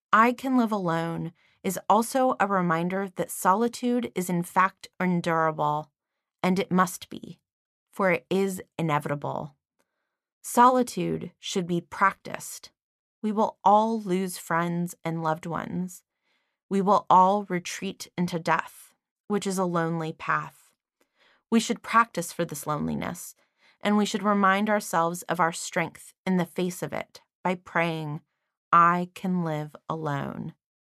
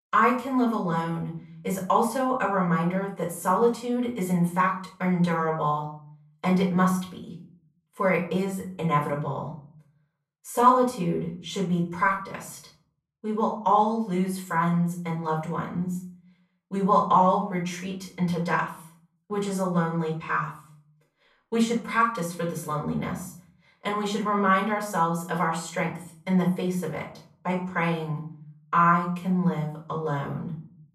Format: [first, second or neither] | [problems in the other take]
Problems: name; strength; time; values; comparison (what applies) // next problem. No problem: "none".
first | off-mic speech; far // room echo; slight; dies away in 0.5 s